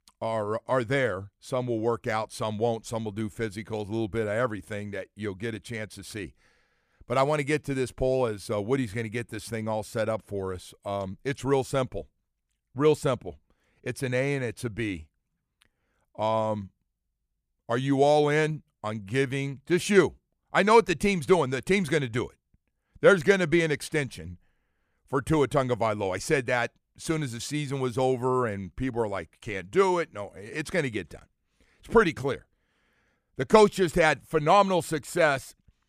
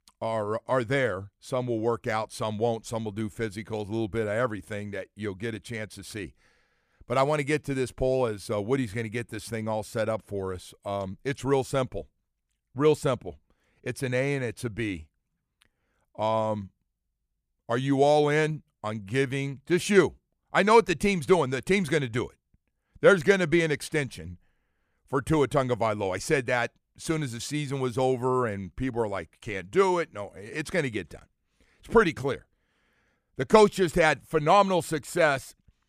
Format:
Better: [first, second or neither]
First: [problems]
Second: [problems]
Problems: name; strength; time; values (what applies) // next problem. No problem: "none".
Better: neither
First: none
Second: none